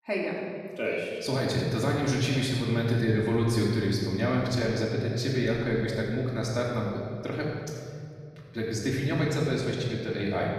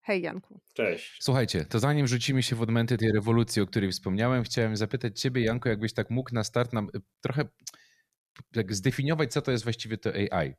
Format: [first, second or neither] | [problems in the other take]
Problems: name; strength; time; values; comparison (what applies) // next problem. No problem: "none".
second | off-mic speech; far // room echo; noticeable; dies away in 2 s